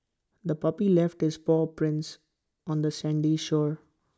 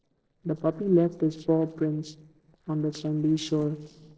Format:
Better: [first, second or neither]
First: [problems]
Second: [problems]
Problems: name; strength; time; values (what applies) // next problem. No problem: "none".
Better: first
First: none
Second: noise reduction (neural separator model SepFormer DNS4)